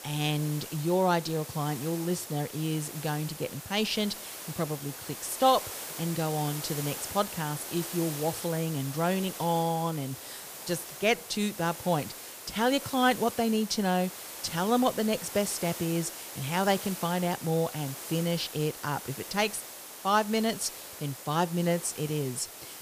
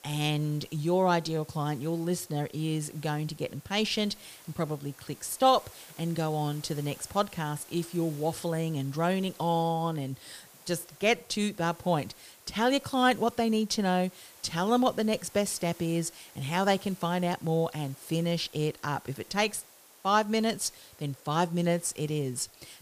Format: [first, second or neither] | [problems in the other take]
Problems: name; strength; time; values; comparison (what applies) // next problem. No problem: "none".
second | hiss; loud; throughout; 9 dB below the speech; faint in the second